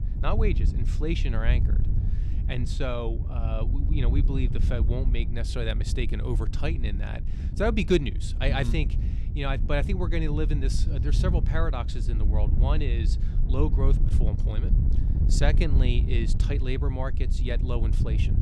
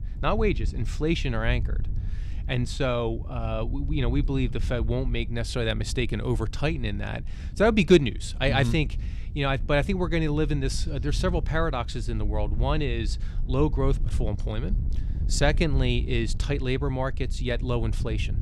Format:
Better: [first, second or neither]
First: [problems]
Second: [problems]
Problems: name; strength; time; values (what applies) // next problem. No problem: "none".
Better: second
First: wind noise on the microphone; heavy; 10 dB below the speech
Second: wind noise on the microphone; occasional gusts; 20 dB below the speech